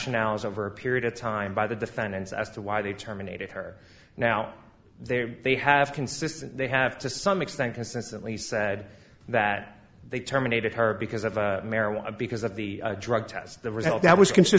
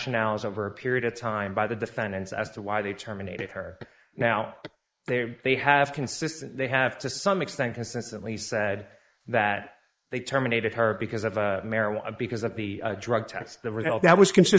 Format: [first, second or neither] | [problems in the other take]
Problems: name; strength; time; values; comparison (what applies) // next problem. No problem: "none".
first | noise reduction (neural mask model Resemble Enhance denoiser)